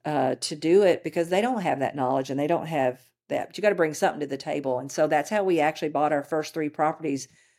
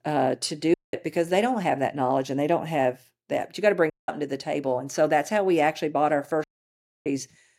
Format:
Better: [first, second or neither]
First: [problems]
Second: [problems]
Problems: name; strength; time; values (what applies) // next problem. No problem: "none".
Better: first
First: none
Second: audio cutting out; at 0.5 s, at 4 s and at 6.5 s for 0.5 s